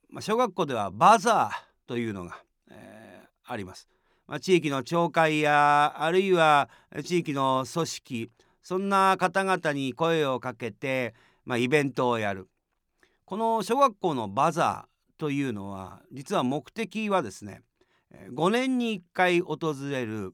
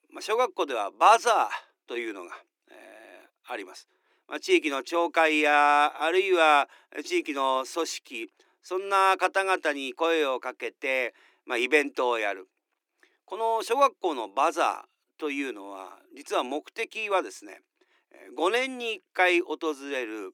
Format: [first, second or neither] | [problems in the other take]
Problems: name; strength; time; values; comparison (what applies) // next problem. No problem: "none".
first | thin; somewhat; fading below 300 Hz